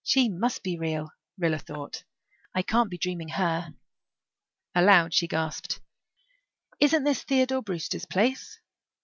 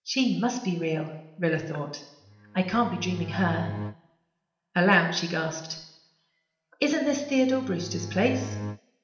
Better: first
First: none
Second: background sound (Bowed string instrument); 9 dB below the speech // room echo; dies away in 0.8 s

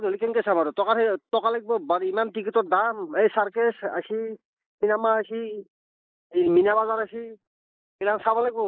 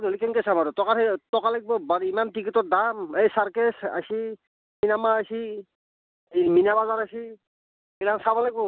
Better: second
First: noise reduction (neural mask model Resemble Enhance denoiser)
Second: none

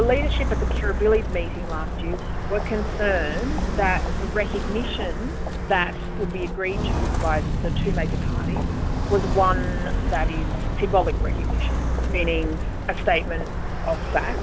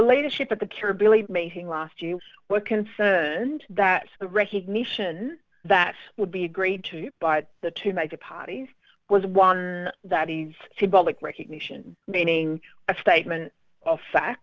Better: second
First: background sound (Walk, footsteps); 2 dB above the speech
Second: none

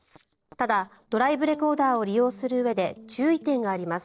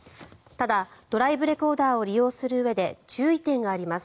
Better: second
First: noise reduction (neural separator model SepFormer DNS4)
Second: none

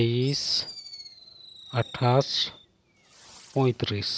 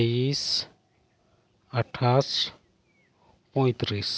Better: second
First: background sound (Fireworks); 18 dB below the speech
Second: none

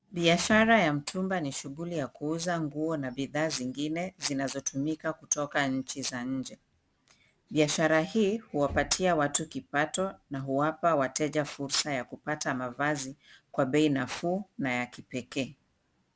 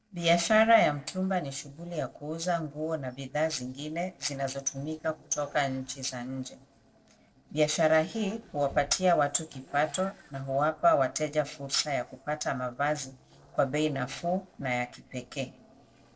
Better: first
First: none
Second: noise reduction (neural separator model SepFormer DNS4)

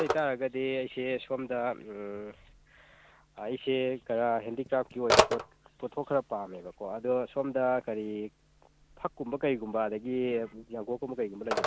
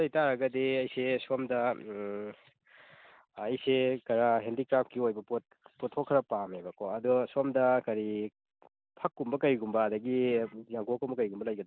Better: second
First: background sound (Telephone); 4 dB below the speech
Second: none

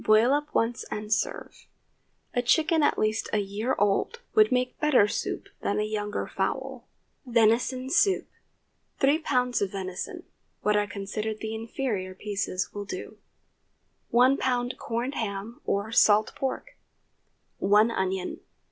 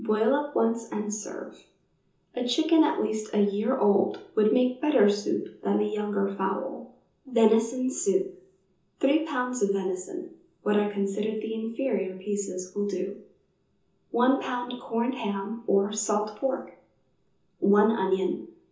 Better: first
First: none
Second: room echo; dies away in 0.6 s

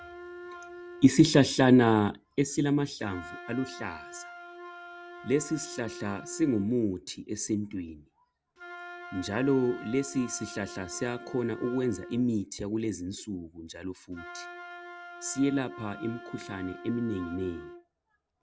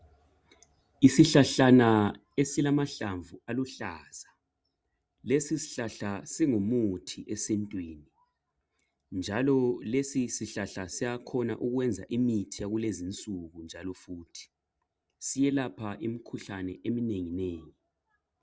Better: second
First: background sound (Wind instrument, woodwind instrument); 16 dB below the speech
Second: none

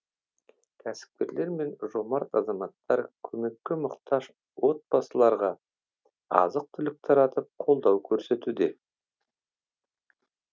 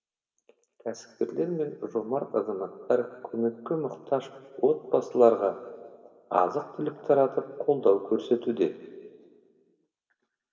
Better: first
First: none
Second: room echo; dies away in 2 s

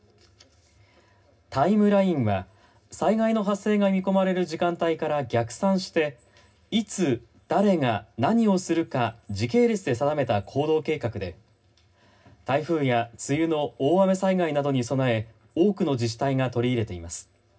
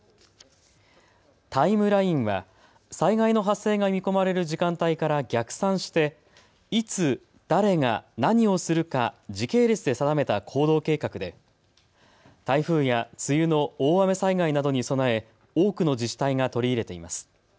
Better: second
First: room echo; dies away in 0.4 s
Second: none

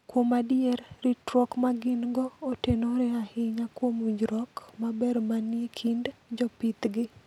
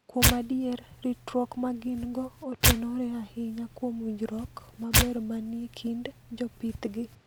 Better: first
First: none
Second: background sound (Tearing); 1 dB above the speech

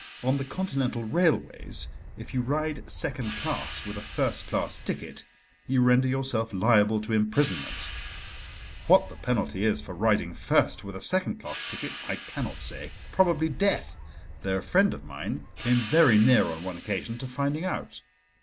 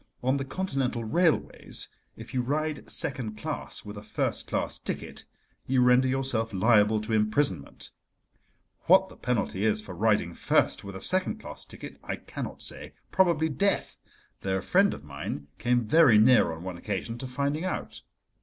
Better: second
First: background sound (Cymbal + Gull, seagull / Wind); 14 dB below the speech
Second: none

